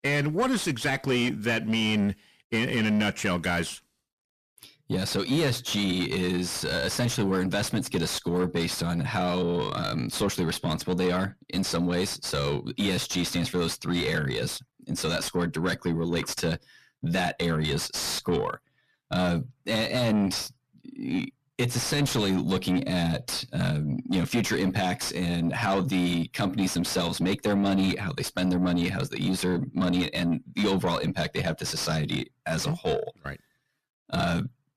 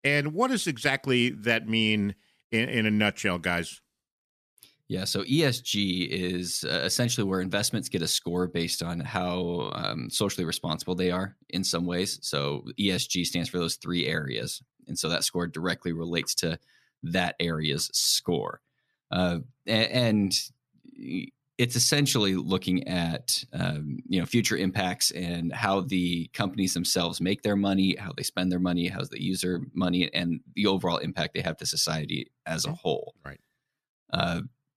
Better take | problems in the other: second | distortion; heavy; 7 dB below the speech

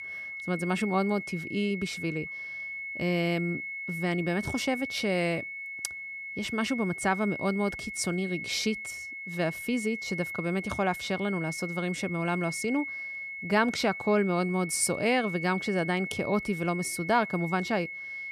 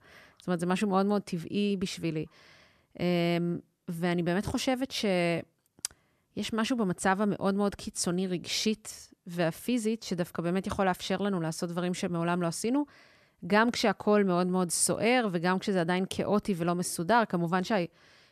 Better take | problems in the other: second | high-pitched whine; loud; throughout; 2 kHz, 6 dB below the speech

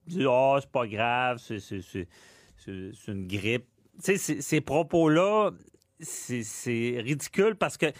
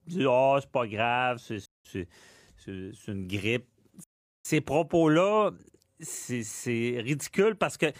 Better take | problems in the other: first | audio cutting out; at 1.5 s and at 4 s

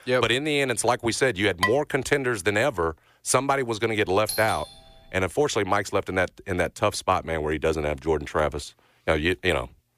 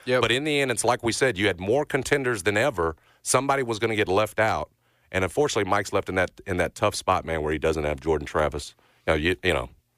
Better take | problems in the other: second | clattering dishes; noticeable; at 1.5 s; peak 2 dB below the speech // doorbell; noticeable; at 4.5 s; peak 6 dB below the speech

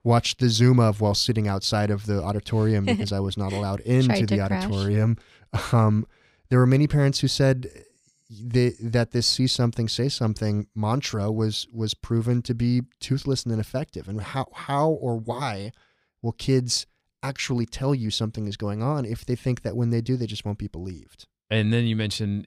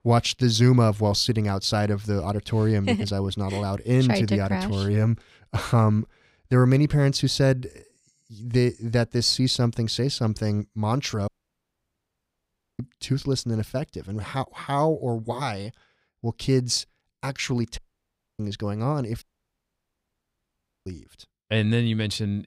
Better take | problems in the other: first | audio cutting out; at 11 s for 1.5 s, at 18 s for 0.5 s and at 19 s for 1.5 s

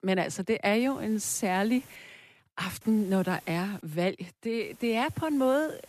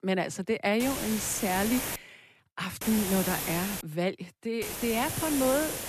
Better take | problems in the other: first | hiss; loud; from 1 to 2 s, from 3 to 4 s and from 4.5 s on; 3 dB below the speech; faint in the first

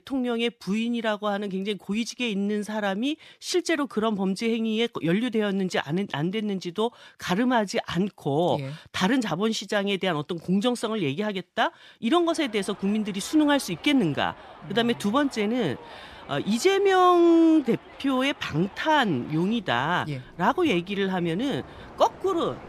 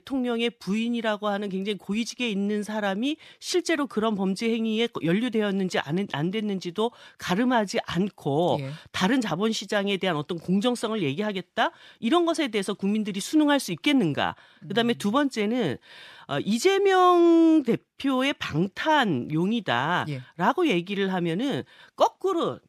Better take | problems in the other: second | train or aircraft noise; faint; from 12 s on; 20 dB below the speech

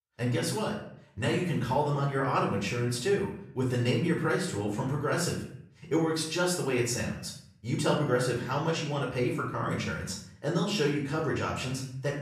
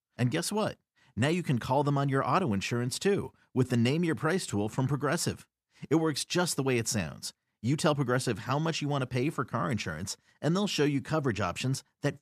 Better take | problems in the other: second | off-mic speech; far // room echo; noticeable; dies away in 0.5 s

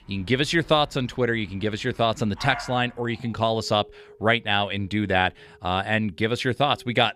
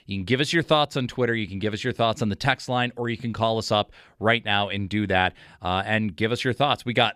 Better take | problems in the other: second | animal sounds; noticeable; throughout; 20 dB below the speech

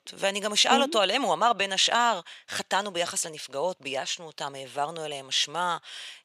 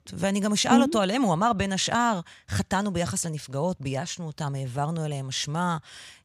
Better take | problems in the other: second | thin; somewhat; fading below 500 Hz

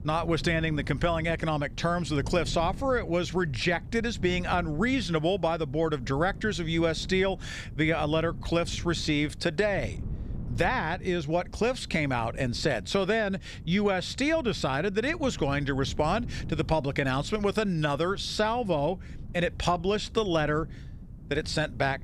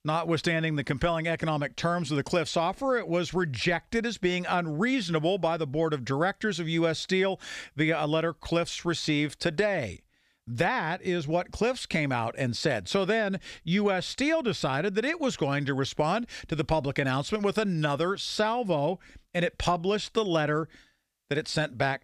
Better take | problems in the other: second | wind noise on the microphone; occasional gusts; 25 dB below the speech

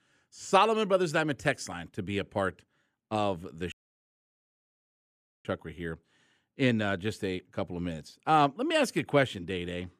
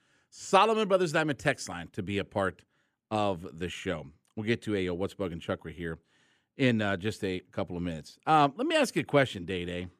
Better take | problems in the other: second | audio cutting out; at 3.5 s for 1.5 s

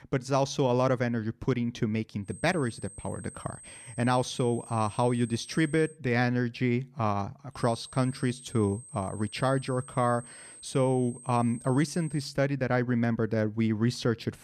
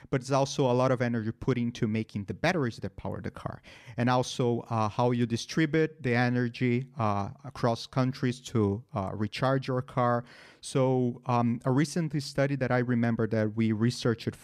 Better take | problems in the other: second | high-pitched whine; noticeable; from 2.5 to 6 s and from 7.5 to 12 s; 8.5 kHz, 15 dB below the speech

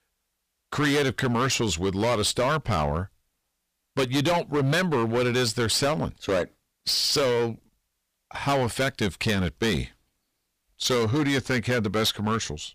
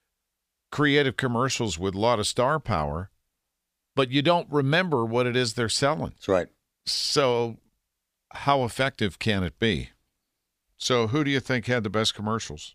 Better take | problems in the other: second | distortion; heavy; 13% of the sound clipped

